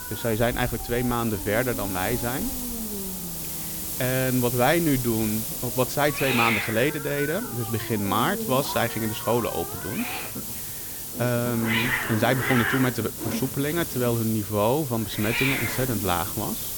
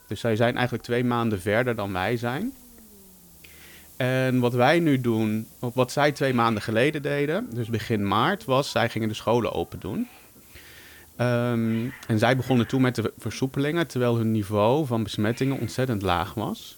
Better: second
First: hiss; loud; throughout; 2 dB below the speech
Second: hiss; faint; throughout; 20 dB below the speech

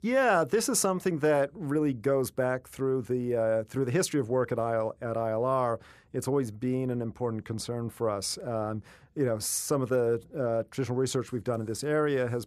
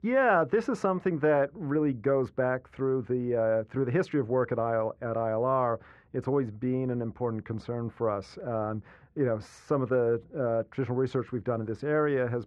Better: first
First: none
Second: muffled; very; fading above 2 kHz

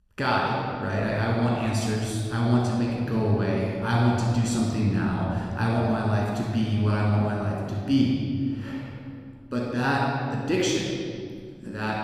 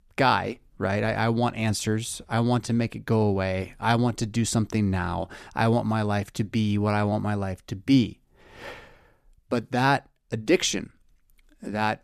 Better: second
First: off-mic speech; far // room echo; strong; dies away in 2.2 s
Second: none

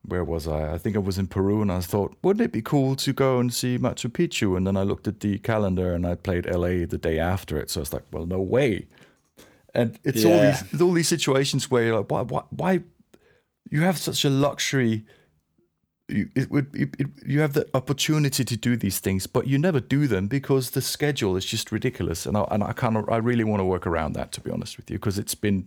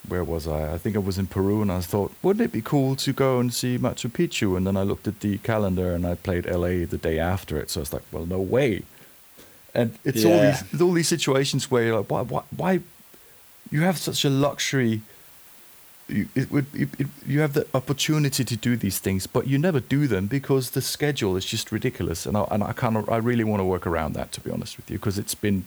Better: first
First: none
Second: hiss; faint; throughout; 20 dB below the speech

